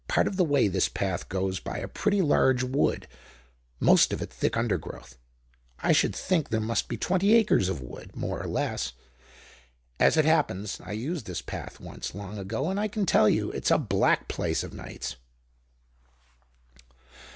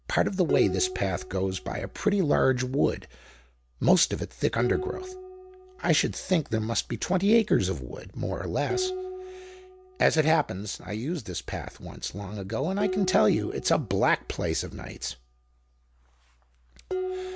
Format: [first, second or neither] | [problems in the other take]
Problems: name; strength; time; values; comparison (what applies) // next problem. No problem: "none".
first | background sound (Dishes, pots, and pans); 11 dB below the speech